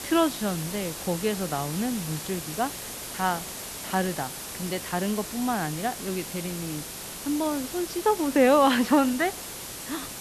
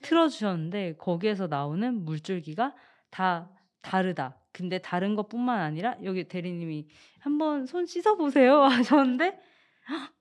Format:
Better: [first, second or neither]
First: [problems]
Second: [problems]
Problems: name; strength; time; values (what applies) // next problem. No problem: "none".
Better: second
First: hiss; loud; throughout; 8 dB below the speech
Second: none